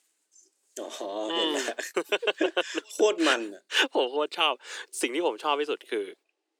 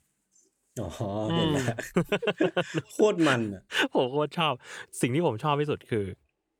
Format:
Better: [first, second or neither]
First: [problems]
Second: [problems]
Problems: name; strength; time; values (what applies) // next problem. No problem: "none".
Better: second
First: thin; somewhat; fading below 300 Hz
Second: none